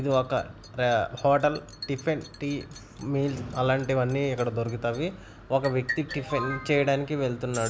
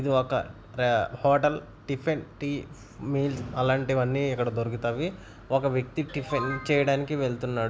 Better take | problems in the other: second | background sound (Liquid); 17 dB below the speech

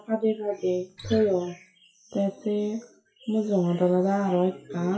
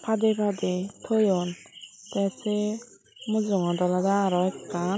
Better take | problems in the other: second | noise reduction (classical method WPE with log-MMSE)

